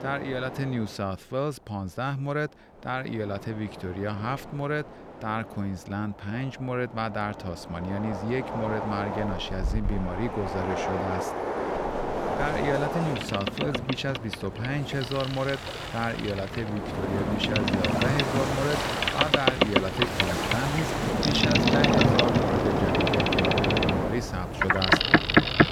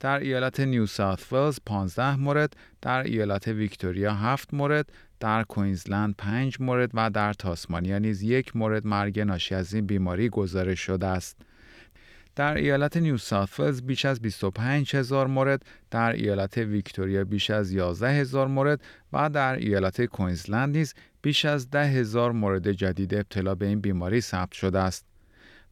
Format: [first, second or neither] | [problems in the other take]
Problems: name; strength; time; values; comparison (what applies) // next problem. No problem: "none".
second | train or aircraft noise; very loud; throughout; 5 dB above the speech